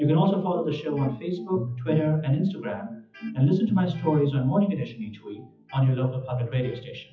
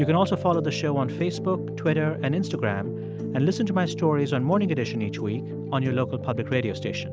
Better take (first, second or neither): second